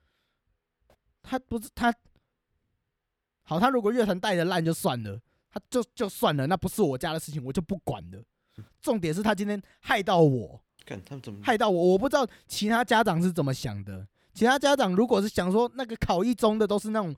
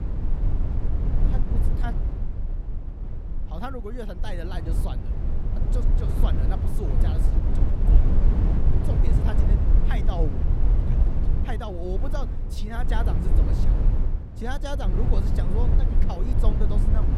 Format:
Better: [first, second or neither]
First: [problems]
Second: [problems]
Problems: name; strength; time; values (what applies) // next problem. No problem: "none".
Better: first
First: none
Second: low rumble; loud; throughout; 2 dB below the speech